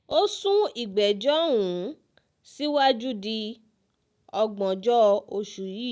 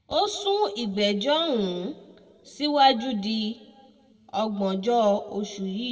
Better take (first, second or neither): first